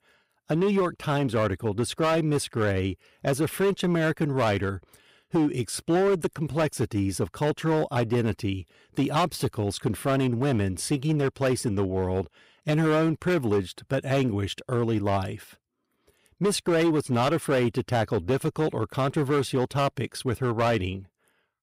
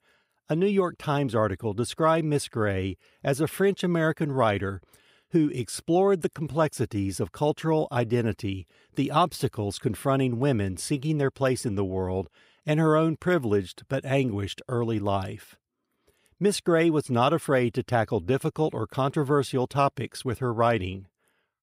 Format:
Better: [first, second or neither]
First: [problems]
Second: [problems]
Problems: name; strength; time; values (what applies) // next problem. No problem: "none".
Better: second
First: distortion; slight; 9% of the sound clipped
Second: none